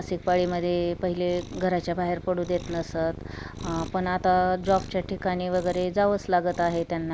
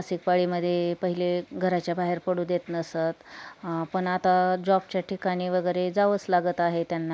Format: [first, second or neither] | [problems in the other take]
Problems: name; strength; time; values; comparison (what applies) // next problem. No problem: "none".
second | background sound (Cat); 13 dB below the speech